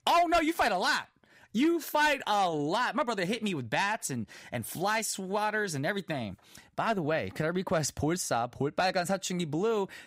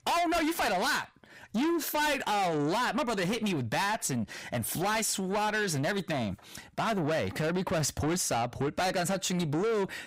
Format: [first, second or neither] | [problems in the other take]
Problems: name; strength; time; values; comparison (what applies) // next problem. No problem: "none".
first | distortion; heavy; 7 dB below the speech